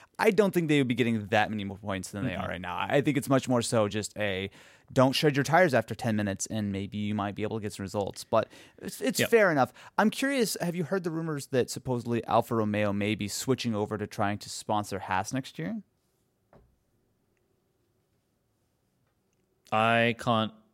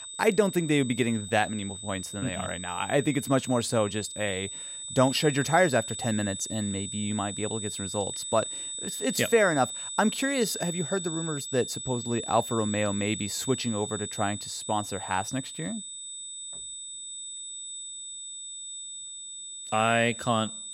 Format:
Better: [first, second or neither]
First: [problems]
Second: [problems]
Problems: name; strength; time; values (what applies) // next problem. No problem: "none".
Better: first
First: none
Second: high-pitched whine; loud; throughout; 8 kHz, 7 dB below the speech